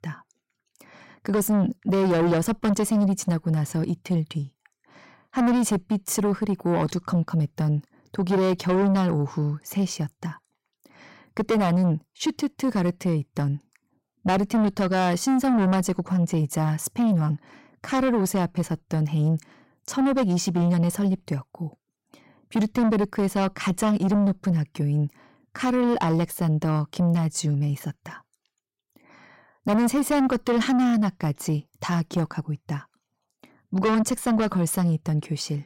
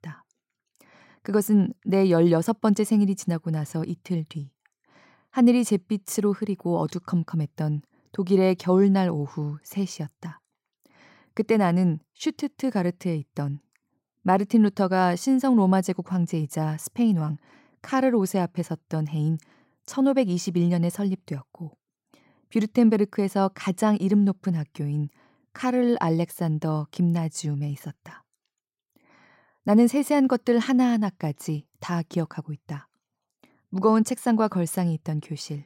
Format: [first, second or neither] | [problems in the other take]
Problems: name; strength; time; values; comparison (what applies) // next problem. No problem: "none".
second | distortion; heavy; 7 dB below the speech